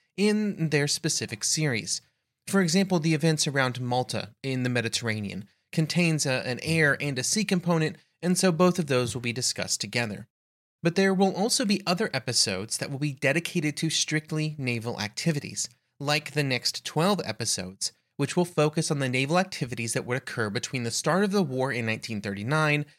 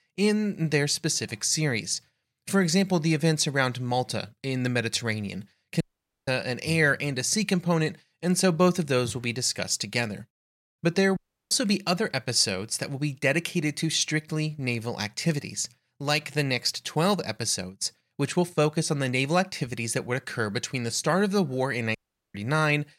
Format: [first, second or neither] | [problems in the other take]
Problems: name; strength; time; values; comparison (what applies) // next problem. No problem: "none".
first | audio cutting out; at 6 s, at 11 s and at 22 s